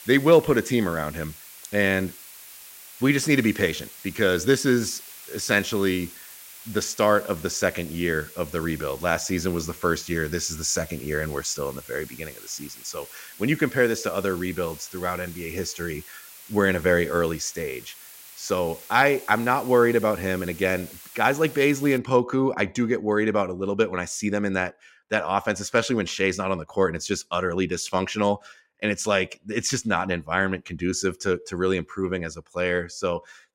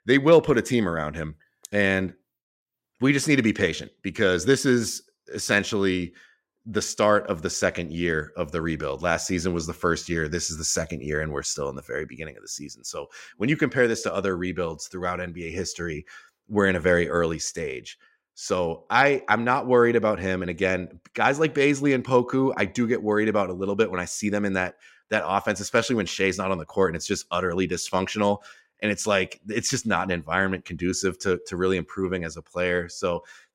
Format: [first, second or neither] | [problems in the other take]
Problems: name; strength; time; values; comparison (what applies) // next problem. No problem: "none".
second | hiss; noticeable; until 22 s; 15 dB below the speech